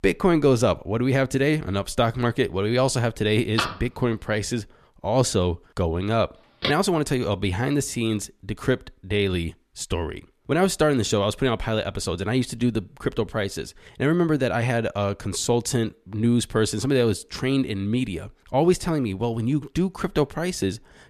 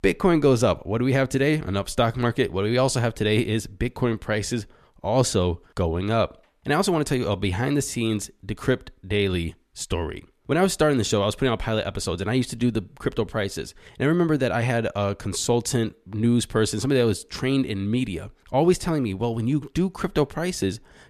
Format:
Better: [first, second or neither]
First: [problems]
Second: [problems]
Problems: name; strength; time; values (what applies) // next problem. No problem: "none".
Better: second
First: phone ringing; noticeable; from 3.5 to 6.5 s; peak 3 dB below the speech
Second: none